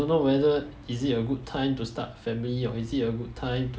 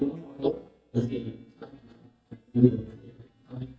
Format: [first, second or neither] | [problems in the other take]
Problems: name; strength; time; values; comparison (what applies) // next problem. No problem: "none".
first | noise reduction (neural mask model DeepFilterNet 3)